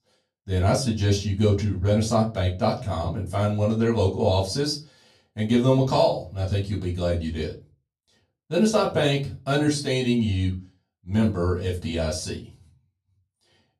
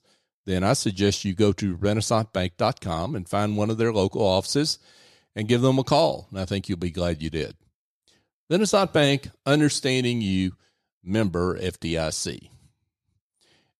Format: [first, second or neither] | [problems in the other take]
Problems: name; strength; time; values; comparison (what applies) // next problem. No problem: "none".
second | off-mic speech; far // room echo; very slight; dies away in 0.3 s